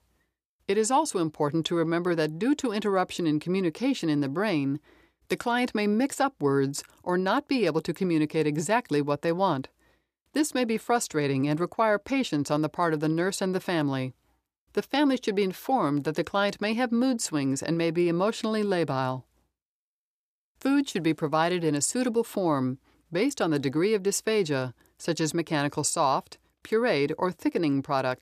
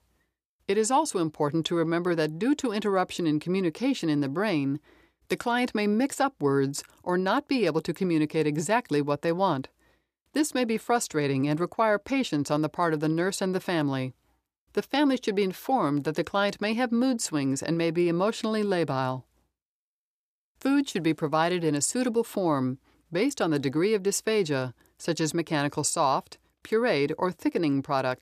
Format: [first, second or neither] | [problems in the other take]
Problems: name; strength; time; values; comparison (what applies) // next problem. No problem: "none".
neither | none